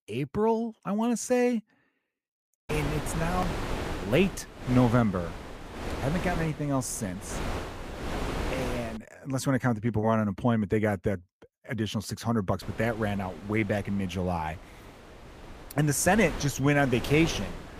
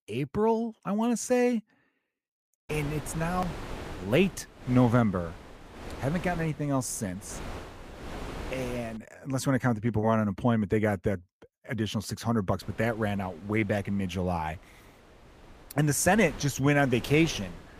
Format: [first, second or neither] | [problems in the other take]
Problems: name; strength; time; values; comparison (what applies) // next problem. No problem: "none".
second | wind noise on the microphone; heavy; from 2.5 to 9 s and from 13 s on; 8 dB below the speech; occasional gusts in the second